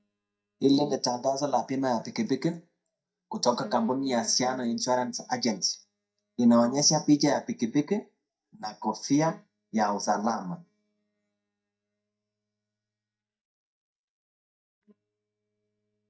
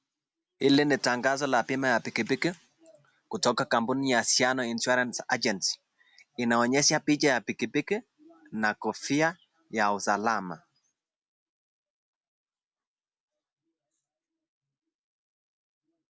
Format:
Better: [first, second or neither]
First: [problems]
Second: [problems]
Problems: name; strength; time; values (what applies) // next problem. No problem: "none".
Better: second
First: noise reduction (neural mask model DeepFilterNet 3)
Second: none